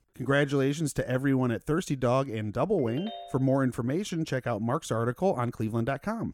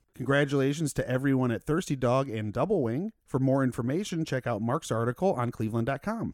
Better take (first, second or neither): second